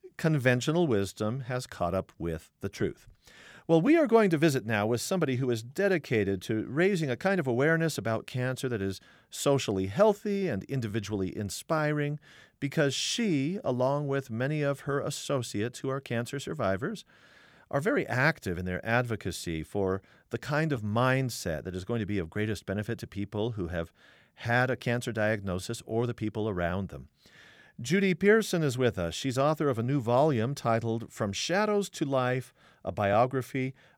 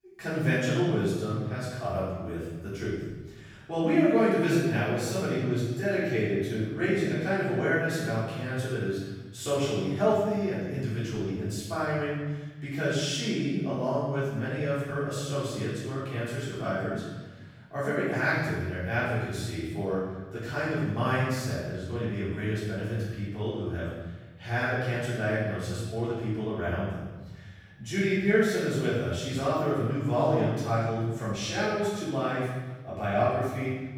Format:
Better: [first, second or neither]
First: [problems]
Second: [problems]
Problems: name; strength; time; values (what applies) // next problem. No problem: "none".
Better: first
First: none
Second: off-mic speech; far // room echo; strong; dies away in 1.2 s